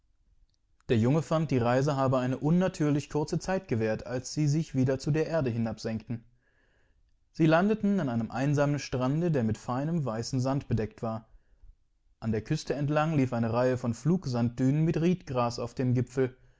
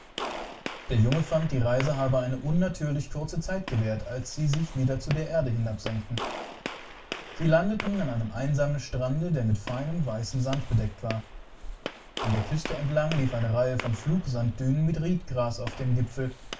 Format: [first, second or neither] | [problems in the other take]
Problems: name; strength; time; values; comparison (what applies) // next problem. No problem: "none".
first | background sound (Gunshot, gunfire); 14 dB below the speech // room echo; dies away in 0.2 s